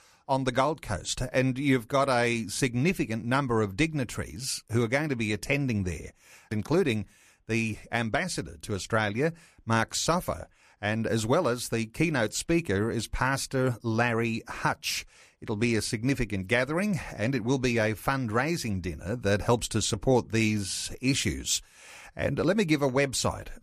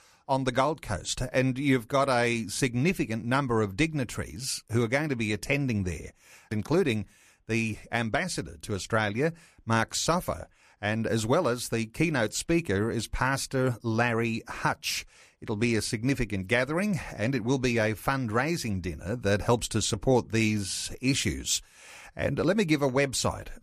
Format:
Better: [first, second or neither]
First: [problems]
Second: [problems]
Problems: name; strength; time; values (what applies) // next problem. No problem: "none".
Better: neither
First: none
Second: none